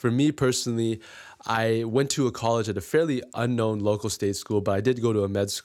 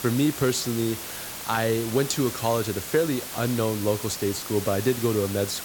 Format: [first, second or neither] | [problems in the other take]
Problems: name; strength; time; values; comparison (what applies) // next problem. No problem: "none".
first | hiss; loud; throughout; 8 dB below the speech